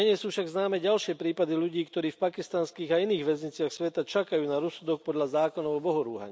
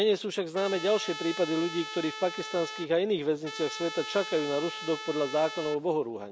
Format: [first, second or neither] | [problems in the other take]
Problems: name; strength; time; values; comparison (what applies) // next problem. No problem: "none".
first | background sound (Trumpet); 10 dB below the speech